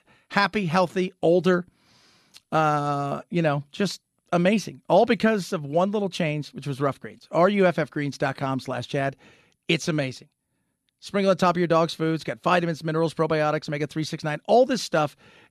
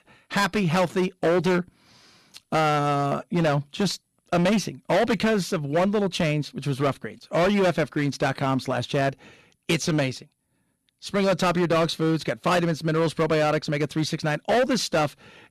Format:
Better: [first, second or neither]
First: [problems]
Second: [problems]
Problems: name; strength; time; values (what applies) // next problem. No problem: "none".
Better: first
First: none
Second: distortion; heavy; 13% of the sound clipped